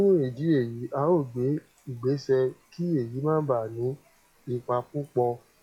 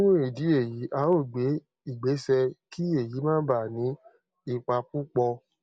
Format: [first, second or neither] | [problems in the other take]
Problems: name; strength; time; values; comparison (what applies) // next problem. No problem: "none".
second | noise reduction (classical method log-MMSE)